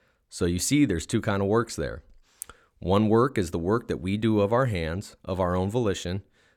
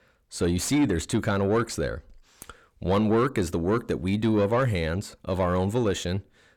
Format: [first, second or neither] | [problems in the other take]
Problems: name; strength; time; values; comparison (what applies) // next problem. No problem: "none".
first | distortion; slight; 10 dB below the speech